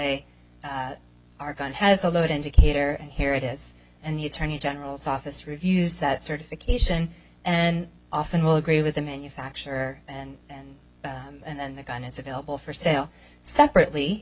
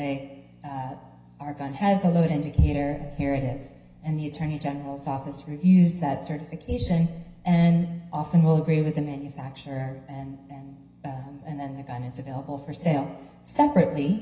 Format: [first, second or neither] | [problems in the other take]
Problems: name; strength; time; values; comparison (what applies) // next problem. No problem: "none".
first | room echo; dies away in 0.9 s